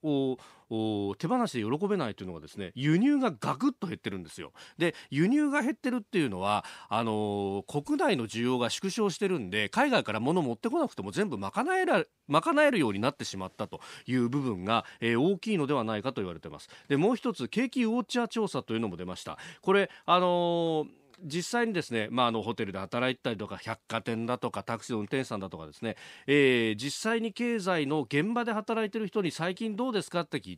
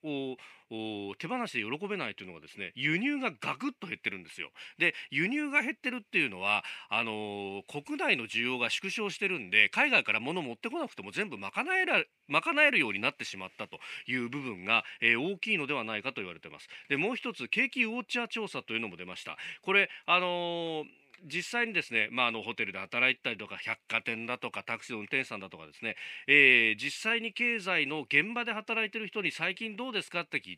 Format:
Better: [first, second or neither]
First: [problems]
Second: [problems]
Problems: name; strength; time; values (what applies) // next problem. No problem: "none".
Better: first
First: none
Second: thin; very slightly; fading below 350 Hz